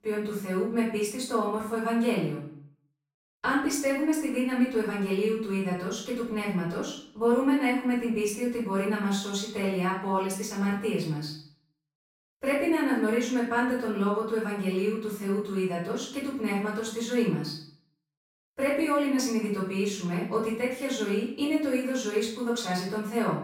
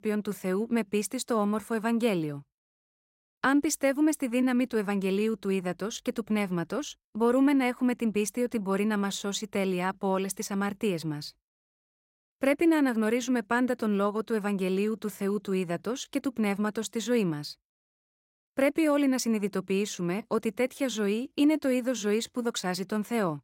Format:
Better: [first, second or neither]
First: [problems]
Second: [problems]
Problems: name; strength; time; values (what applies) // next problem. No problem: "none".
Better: second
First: off-mic speech; far // room echo; noticeable; dies away in 0.5 s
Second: none